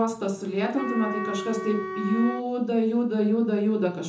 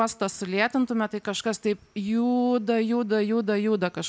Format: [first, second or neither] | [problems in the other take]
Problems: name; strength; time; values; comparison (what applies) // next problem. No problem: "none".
second | background sound (Wind instrument, woodwind instrument); 9 dB below the speech // room echo; dies away in 0.6 s